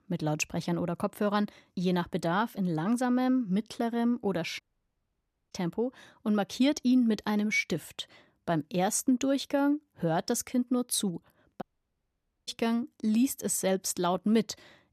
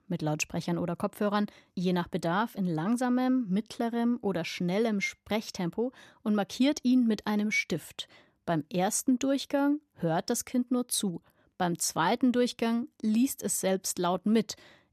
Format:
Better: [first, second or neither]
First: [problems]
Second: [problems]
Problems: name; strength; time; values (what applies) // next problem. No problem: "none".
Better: second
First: audio cutting out; at 4.5 s for 1 s and at 12 s for 1 s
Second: none